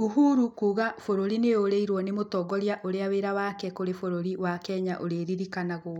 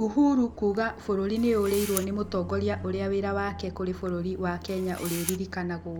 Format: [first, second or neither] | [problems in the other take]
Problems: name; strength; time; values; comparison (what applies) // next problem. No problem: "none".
first | background sound (Car passing by + Camera); 11 dB below the speech